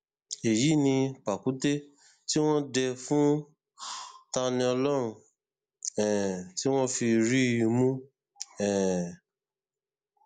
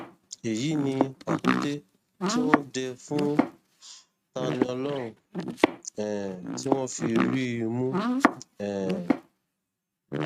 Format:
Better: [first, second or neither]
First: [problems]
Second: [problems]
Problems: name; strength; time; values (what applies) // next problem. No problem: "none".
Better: first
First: none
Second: noise reduction (neural mask model RNNoise)